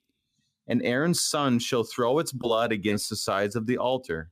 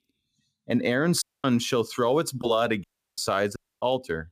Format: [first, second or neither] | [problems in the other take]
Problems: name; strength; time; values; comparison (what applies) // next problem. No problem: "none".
first | audio cutting out; at 1 s, at 3 s and at 3.5 s